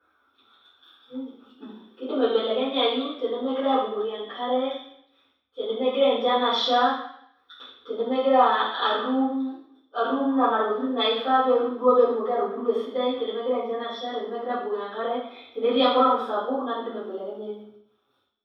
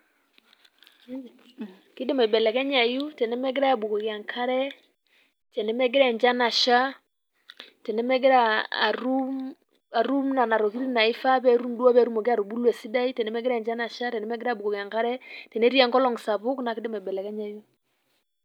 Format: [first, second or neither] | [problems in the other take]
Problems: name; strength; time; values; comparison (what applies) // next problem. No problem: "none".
second | room echo; dies away in 0.7 s